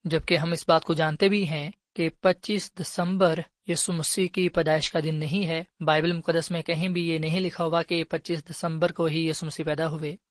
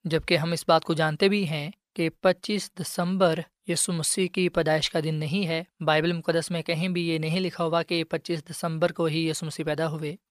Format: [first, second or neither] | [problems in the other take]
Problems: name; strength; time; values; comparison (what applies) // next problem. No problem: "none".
second | garbled, watery; slightly